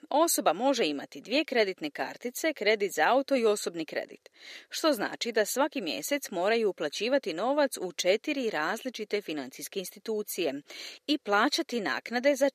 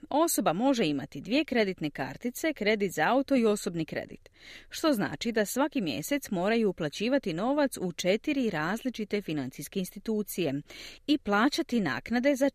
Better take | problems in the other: second | thin; very slightly; fading below 400 Hz

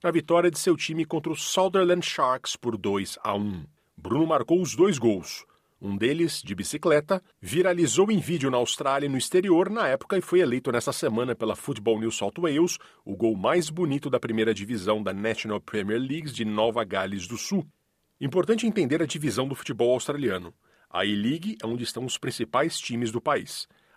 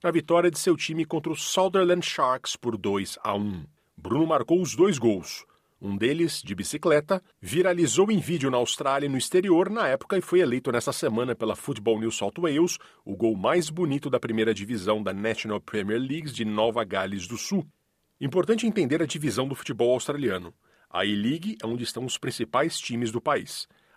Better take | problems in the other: neither | none

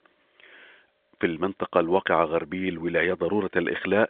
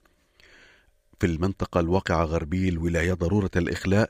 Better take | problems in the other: second | phone-call audio; nothing above 3.5 kHz

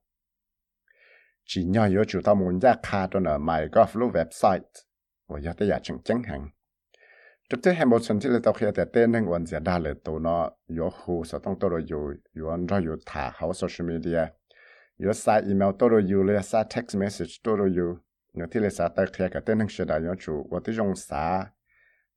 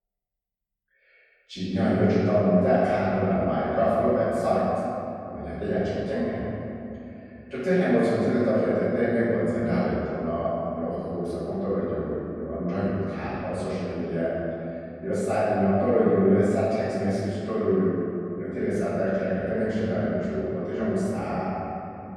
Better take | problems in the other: first | off-mic speech; far // room echo; strong; dies away in 2.9 s

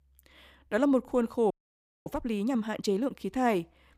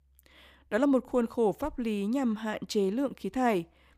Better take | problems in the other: second | audio freezing; at 1.5 s for 0.5 s

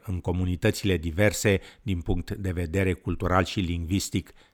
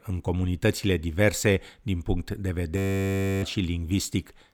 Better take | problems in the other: first | audio freezing; at 3 s for 0.5 s

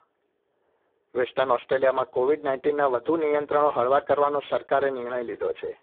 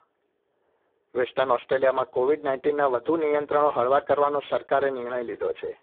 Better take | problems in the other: neither | phone-call audio; poor line; nothing above 3.5 kHz; the same in both

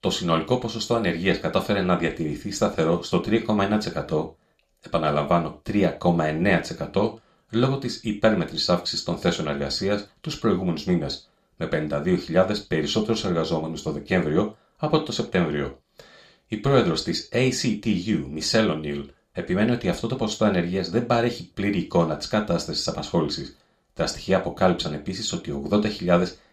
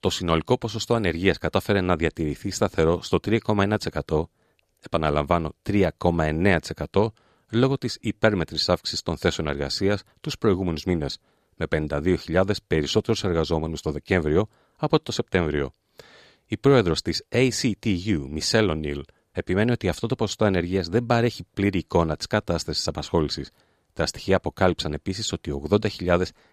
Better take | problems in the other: second | room echo; very slight; dies away in 0.3 s

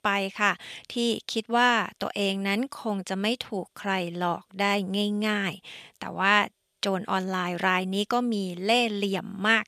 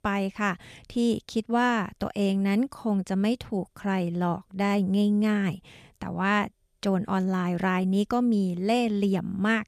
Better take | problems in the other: second | thin; somewhat; fading below 1 kHz

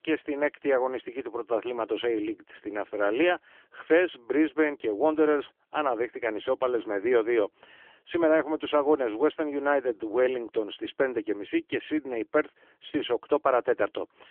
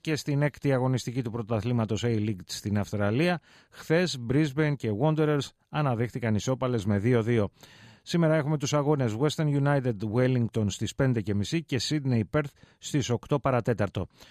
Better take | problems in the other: second | phone-call audio; nothing above 3.5 kHz

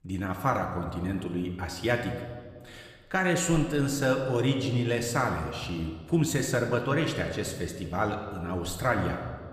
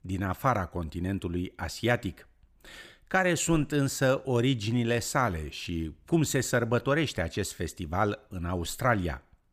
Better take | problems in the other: second | room echo; slight; dies away in 1.3 s

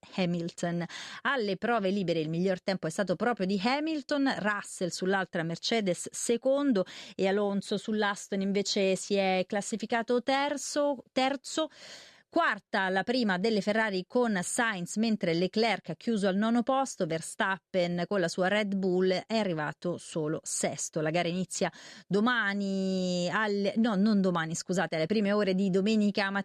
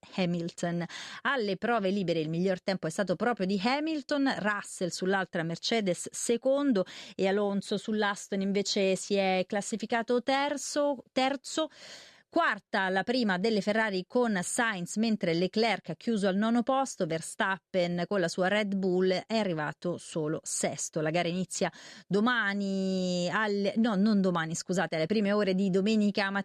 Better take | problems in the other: neither | none

